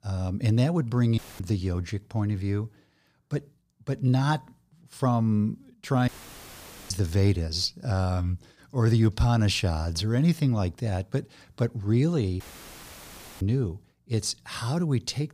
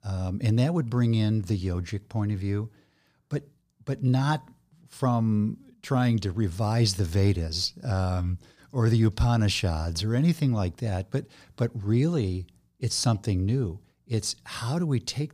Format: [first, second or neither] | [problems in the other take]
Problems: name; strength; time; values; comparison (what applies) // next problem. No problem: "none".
second | audio cutting out; filled with static; at 1 s, at 6 s for 1 s and at 12 s for 1 s